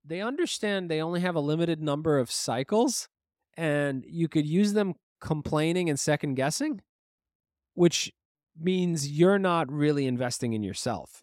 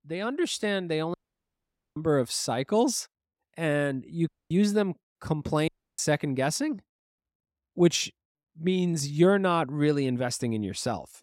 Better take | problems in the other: first | audio cutting out; at 1 s for 1 s, at 4.5 s and at 5.5 s

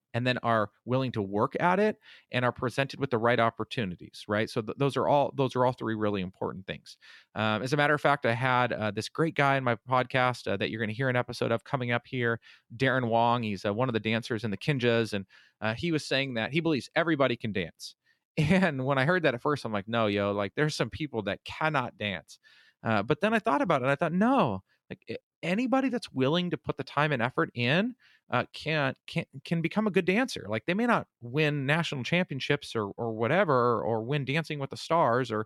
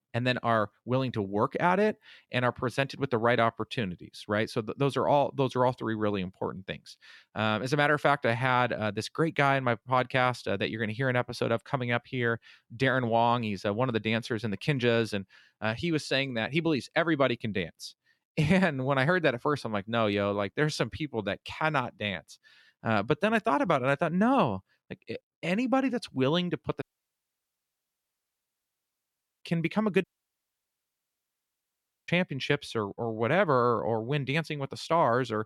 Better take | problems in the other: first | audio cutting out; at 27 s for 2.5 s and at 30 s for 2 s

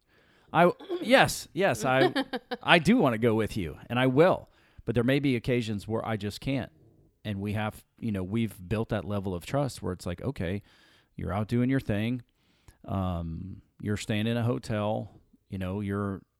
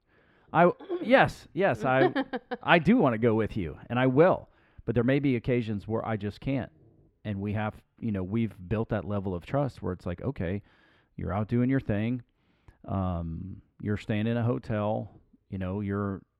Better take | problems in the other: first | muffled; slightly; fading above 4 kHz

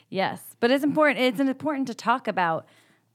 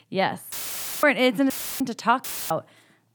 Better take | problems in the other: first | audio cutting out; filled with static; at 0.5 s for 0.5 s, at 1.5 s and at 2 s

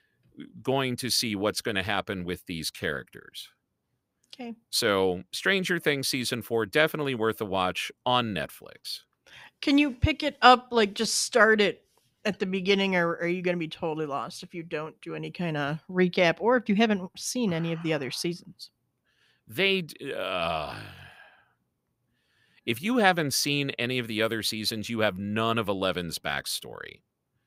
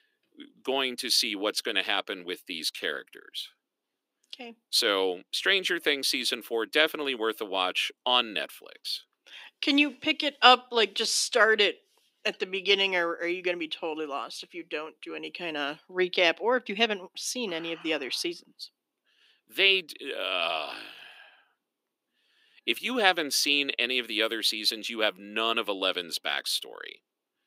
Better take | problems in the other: first | thin; very slightly; fading below 300 Hz

